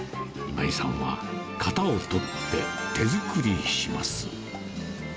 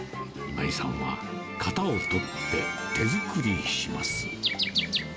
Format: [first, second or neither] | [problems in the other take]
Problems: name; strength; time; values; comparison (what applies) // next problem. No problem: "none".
first | background sound (Bird); 4 dB below the speech